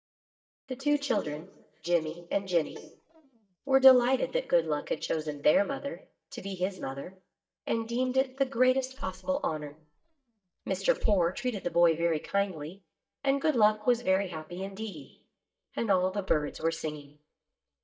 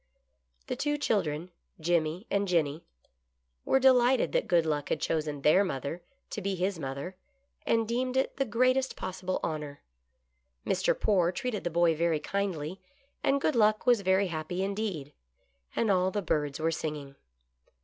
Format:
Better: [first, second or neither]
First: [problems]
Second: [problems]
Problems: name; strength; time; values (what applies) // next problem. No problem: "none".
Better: second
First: noise reduction (neural mask model DeepFilterNet 3)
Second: none